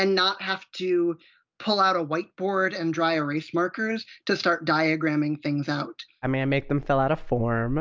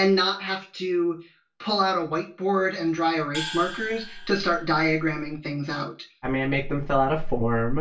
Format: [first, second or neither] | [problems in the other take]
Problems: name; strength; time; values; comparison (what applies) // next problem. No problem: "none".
first | background sound (Gong); 12 dB below the speech // room echo; dies away in 0.3 s